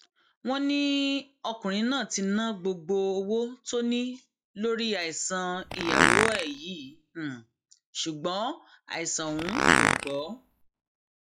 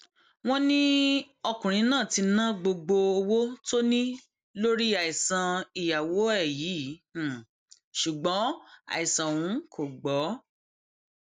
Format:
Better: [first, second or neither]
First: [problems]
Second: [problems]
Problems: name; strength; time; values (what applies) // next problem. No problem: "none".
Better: second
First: noise reduction (classical method log-MMSE)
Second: none